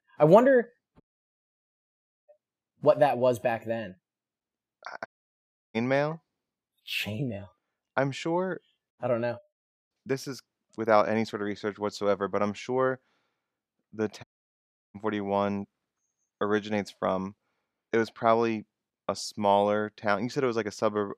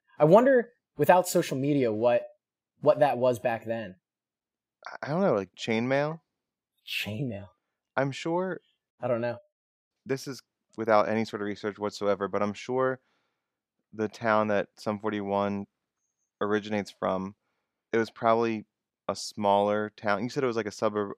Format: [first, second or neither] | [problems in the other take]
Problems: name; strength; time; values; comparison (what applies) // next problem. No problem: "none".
second | audio cutting out; at 1 s for 1.5 s, at 5 s for 0.5 s and at 14 s for 0.5 s